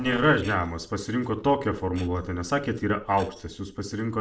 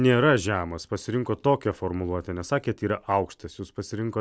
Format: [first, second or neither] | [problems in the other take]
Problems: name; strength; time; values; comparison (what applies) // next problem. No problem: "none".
second | noise reduction (neural separator model SepFormer DNS4)